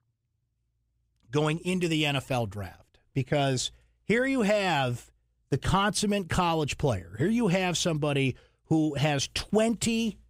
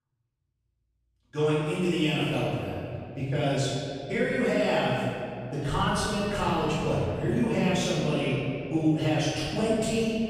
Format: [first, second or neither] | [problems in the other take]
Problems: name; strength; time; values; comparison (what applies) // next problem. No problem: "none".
first | off-mic speech; far // room echo; strong; dies away in 2.3 s